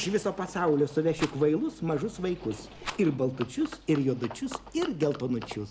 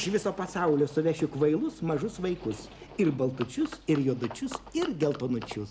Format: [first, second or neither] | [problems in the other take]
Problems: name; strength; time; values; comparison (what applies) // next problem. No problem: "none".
second | background sound (Rattle); 14 dB below the speech